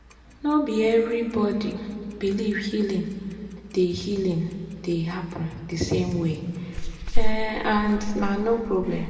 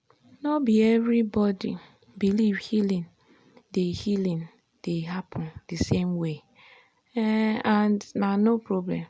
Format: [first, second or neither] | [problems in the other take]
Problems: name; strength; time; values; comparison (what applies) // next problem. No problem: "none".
second | background sound (Clock); 2 dB below the speech // room echo; dies away in 1.9 s